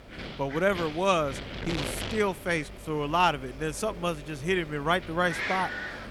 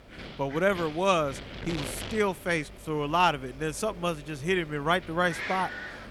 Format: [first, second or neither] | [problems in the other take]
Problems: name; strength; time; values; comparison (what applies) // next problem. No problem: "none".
second | wind noise on the microphone; heavy; 9 dB below the speech; occasional gusts in the second